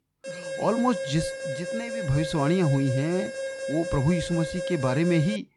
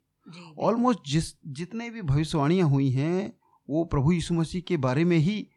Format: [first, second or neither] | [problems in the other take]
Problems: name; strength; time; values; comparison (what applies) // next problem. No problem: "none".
second | alarm; noticeable; peak 6 dB below the speech